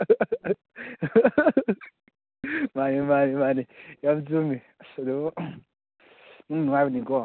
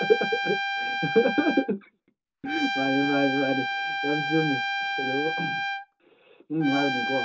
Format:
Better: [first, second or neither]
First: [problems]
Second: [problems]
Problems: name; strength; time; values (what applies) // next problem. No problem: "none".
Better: first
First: none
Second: background sound (Trumpet); 2 dB below the speech // room echo; dies away in 0.2 s